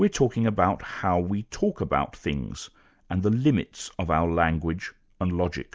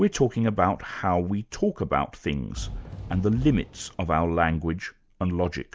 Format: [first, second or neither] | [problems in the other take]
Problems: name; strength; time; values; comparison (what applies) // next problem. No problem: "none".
first | background sound (Fireworks); 16 dB below the speech